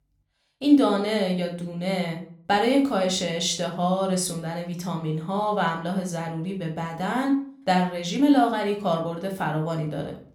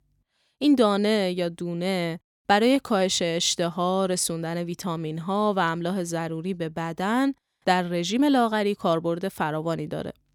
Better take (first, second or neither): second